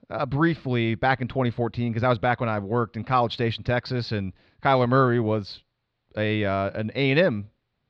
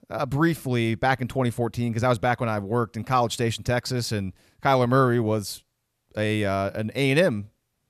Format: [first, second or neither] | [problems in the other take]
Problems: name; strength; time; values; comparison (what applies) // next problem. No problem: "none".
second | muffled; very slightly; fading above 4 kHz